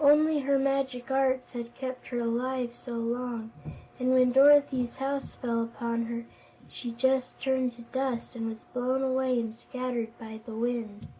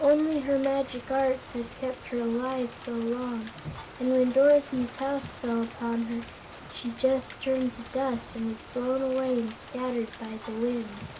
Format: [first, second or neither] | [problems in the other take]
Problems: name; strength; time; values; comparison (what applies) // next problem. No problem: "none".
first | background sound (Rain); 17 dB below the speech